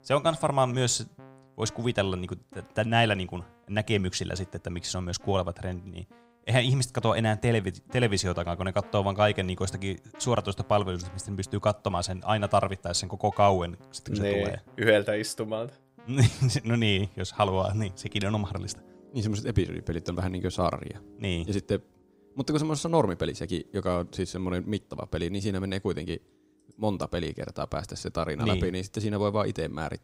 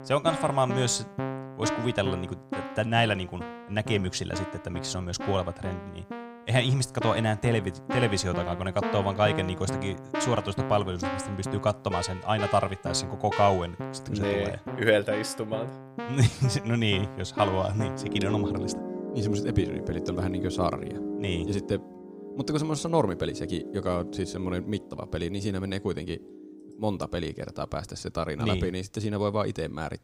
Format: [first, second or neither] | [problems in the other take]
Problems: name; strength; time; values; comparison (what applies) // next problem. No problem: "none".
first | background music; loud; throughout; 7 dB below the speech; faint in the first